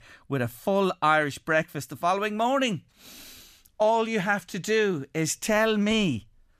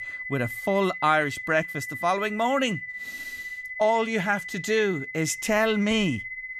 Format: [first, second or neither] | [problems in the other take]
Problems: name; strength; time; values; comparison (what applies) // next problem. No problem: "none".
first | high-pitched whine; loud; throughout; 2 kHz, 9 dB below the speech